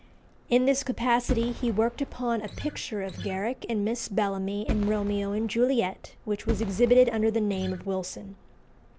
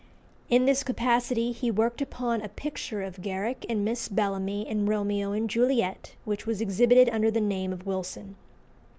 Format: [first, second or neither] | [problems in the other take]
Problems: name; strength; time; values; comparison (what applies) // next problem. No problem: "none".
second | background sound (Fireworks + Acoustic guitar); 9 dB below the speech